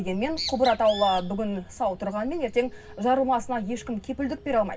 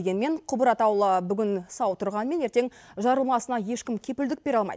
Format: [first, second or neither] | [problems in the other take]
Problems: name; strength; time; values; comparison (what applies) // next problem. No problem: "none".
second | background sound (Bird); 13 dB below the speech // room echo; dies away in 0.4 s